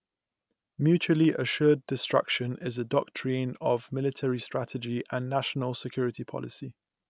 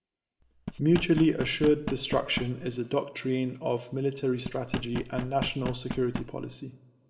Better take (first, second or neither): first